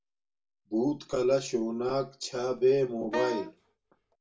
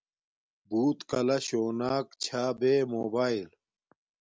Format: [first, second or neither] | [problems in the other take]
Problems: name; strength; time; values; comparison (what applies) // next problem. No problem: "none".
second | background sound (Wind instrument, woodwind instrument); 8 dB below the speech // room echo; dies away in 0.2 s